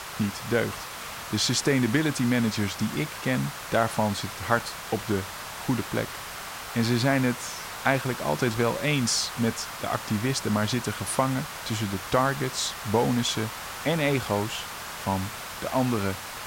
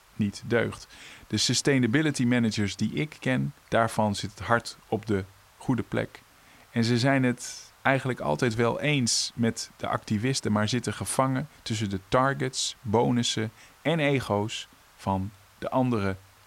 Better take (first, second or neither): second